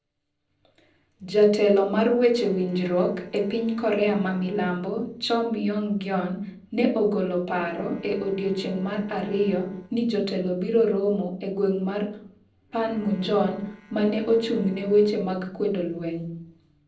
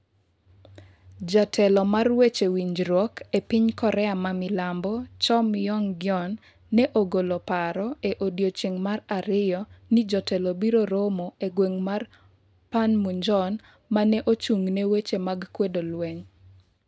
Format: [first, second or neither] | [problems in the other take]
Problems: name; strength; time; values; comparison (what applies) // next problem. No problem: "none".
second | noise reduction (neural separator model SepFormer DNS4)